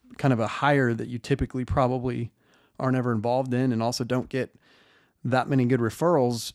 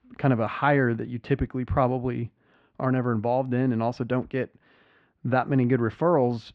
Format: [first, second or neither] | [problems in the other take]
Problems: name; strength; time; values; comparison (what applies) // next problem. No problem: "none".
first | muffled; very; fading above 3 kHz